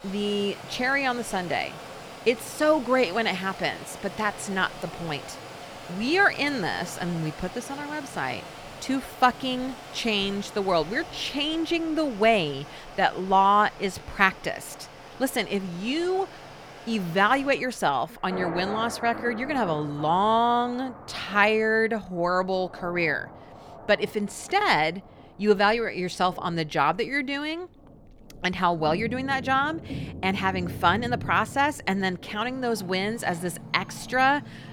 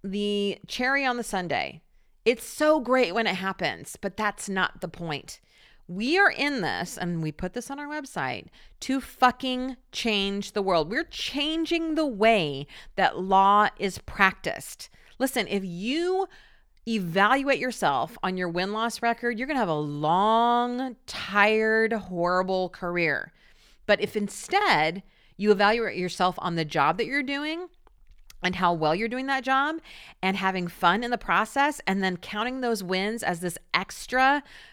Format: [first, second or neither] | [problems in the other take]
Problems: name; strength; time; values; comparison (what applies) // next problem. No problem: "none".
second | rain or running water; noticeable; throughout; 15 dB below the speech